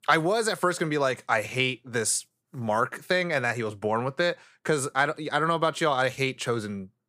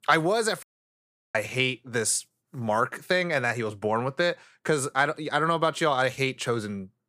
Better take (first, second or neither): first